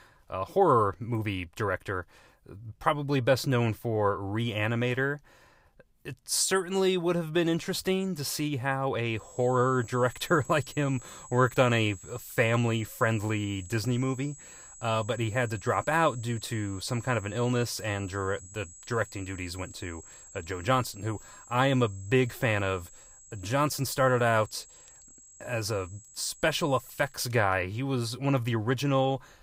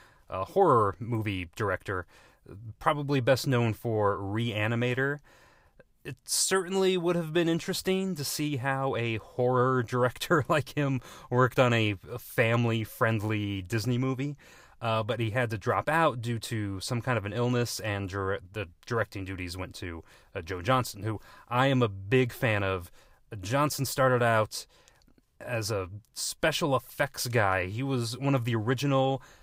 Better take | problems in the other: second | high-pitched whine; noticeable; from 9 to 27 s; 7.5 kHz, 20 dB below the speech

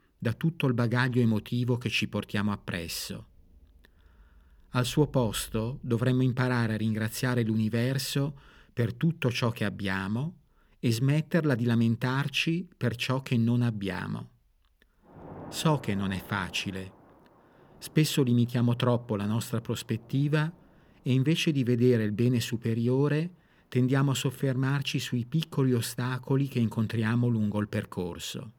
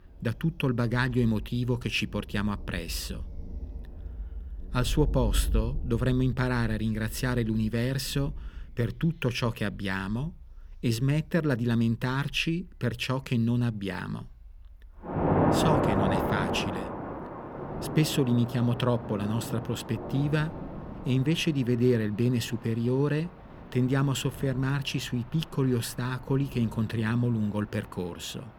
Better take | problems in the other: first | rain or running water; loud; throughout; 6 dB below the speech; faint in the first

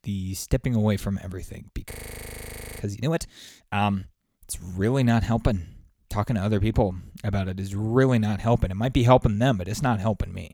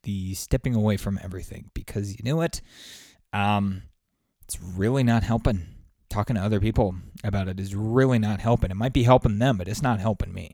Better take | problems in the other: second | audio freezing; at 2 s for 1 s

